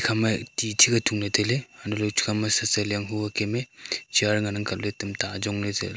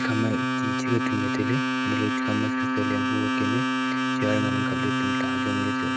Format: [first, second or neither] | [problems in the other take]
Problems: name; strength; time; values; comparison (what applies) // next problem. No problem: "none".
first | noise reduction (neural mask model RNNoise)